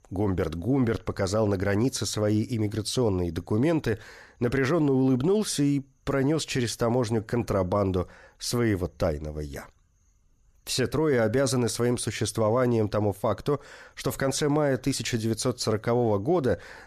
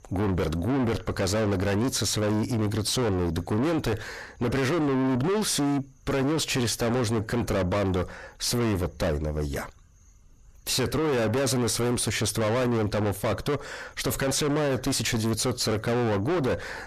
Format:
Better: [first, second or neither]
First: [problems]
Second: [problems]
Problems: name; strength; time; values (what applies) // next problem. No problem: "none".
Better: first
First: none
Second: distortion; heavy; 6 dB below the speech